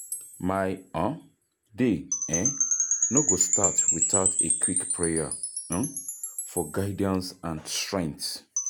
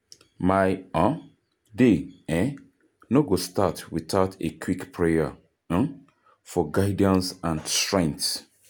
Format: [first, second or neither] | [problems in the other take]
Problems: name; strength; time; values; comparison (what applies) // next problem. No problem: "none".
second | background sound (Wind chime / Percussion); 1 dB above the speech